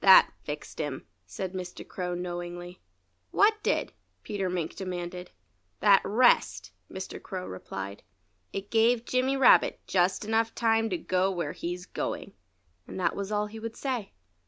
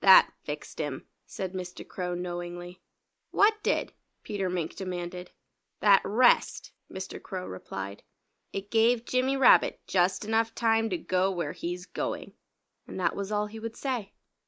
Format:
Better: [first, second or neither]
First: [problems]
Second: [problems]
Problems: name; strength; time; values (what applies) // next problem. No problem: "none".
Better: first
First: none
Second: noise reduction (neural mask model Resemble Enhance denoiser)